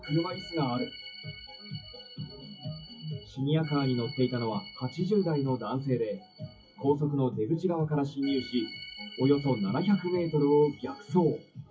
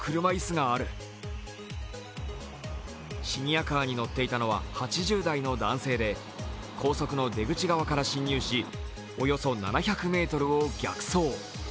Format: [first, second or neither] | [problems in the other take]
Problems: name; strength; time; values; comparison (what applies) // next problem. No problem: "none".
second | noise reduction (classical method WPE with log-MMSE)